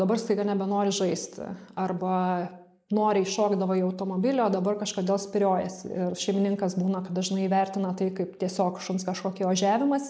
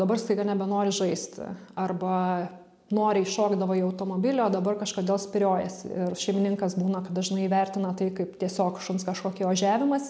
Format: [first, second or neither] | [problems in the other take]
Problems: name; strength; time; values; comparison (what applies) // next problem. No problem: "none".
second | noise reduction (neural mask model Resemble Enhance denoiser)